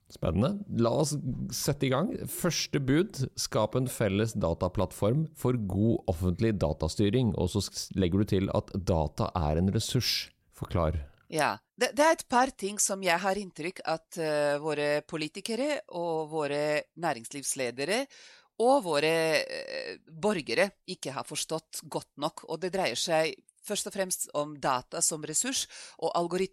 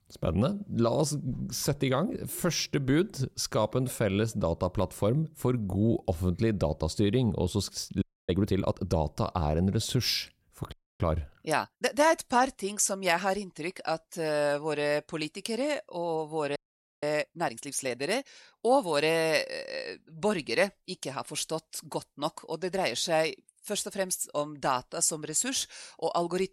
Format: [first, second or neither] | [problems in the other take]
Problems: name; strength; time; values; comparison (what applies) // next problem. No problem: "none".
first | audio freezing; at 8 s, at 11 s and at 17 s